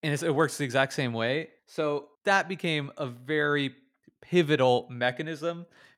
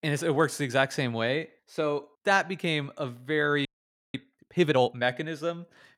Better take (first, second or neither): first